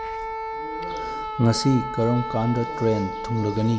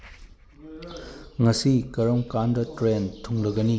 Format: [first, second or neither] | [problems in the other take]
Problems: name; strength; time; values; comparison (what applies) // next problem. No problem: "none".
second | background sound (Wind instrument, woodwind instrument); 7 dB below the speech